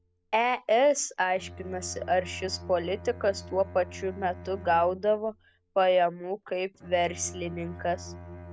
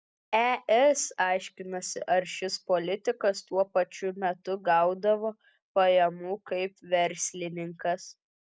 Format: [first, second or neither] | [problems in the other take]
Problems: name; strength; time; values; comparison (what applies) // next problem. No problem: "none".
second | background sound (Bowed string instrument); 16 dB below the speech